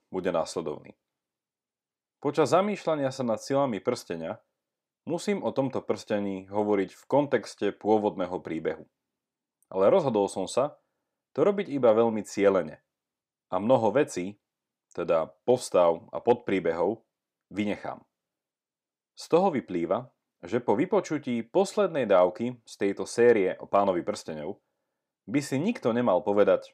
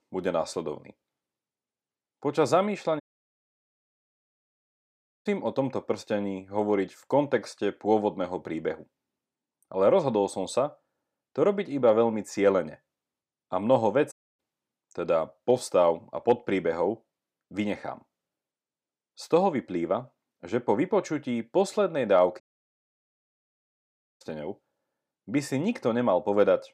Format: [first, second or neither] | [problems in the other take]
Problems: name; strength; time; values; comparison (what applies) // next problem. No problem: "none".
first | audio cutting out; at 3 s for 2.5 s, at 14 s and at 22 s for 2 s